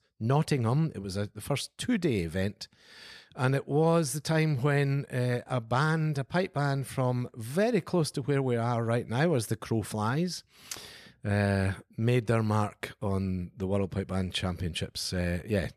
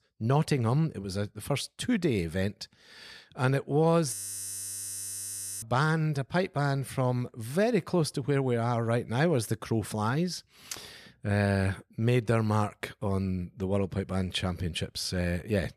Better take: first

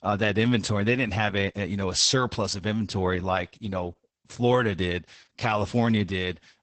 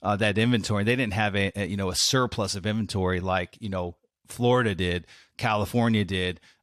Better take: second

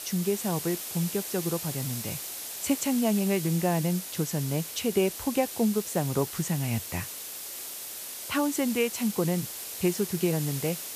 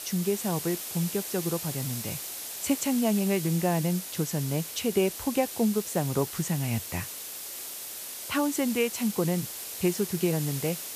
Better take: neither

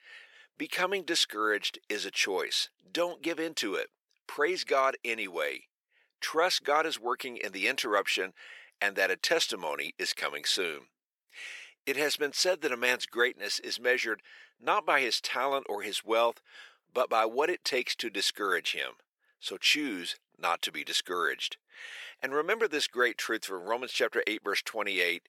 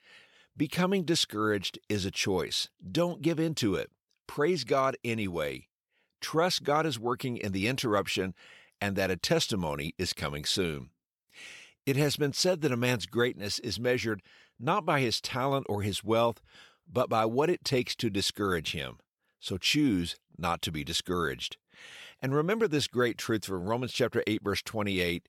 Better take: second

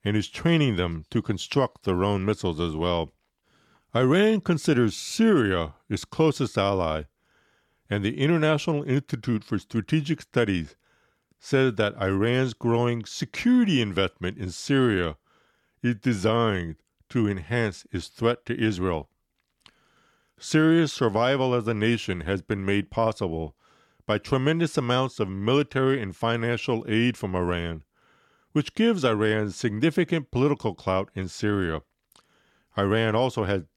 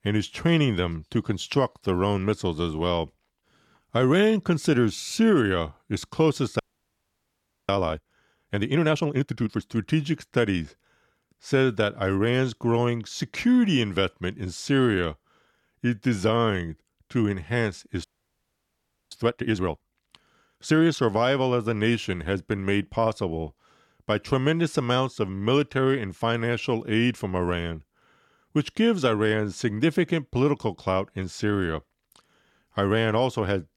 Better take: first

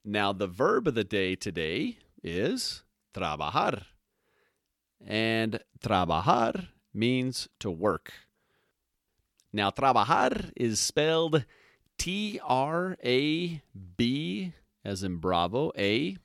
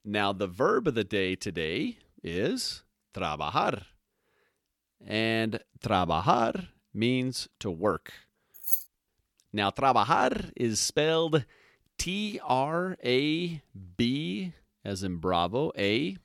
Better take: first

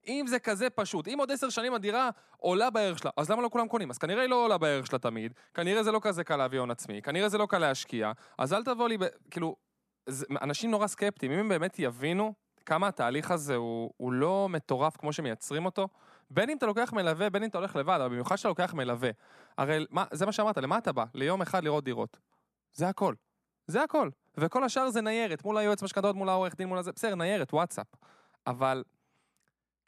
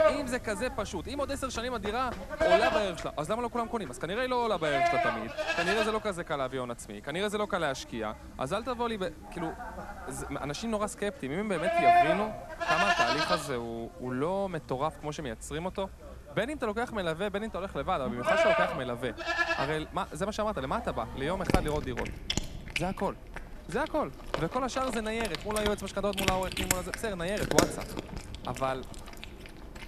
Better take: first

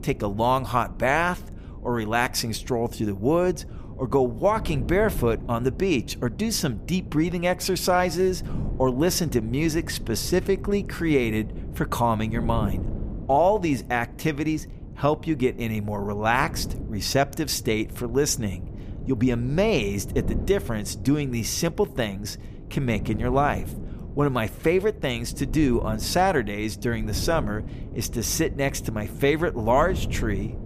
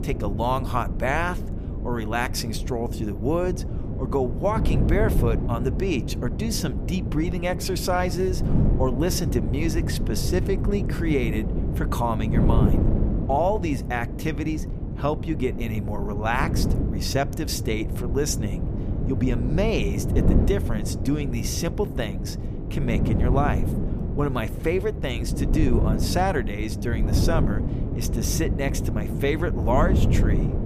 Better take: first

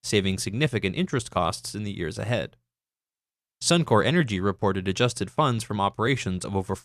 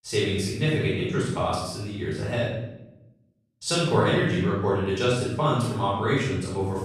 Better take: first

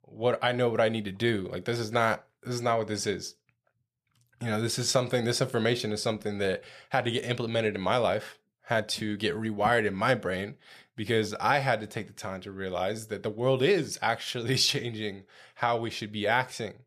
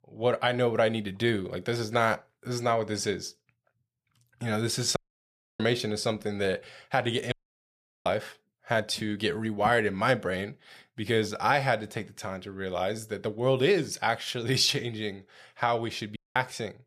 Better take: first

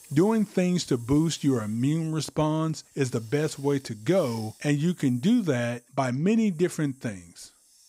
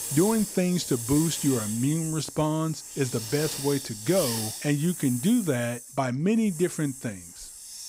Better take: first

